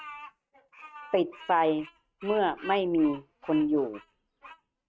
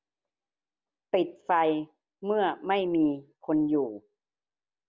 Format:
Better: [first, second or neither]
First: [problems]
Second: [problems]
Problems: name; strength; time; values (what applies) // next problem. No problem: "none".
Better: second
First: noise reduction (neural mask model RNNoise)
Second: none